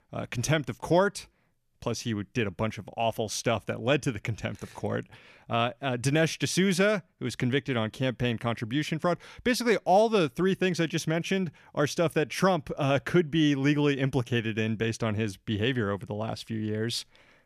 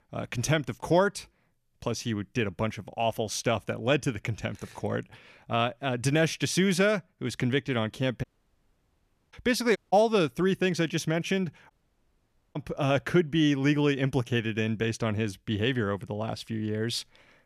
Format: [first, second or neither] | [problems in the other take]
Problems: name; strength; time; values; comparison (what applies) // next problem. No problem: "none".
first | audio cutting out; at 8 s for 1 s, at 10 s and at 12 s for 1 s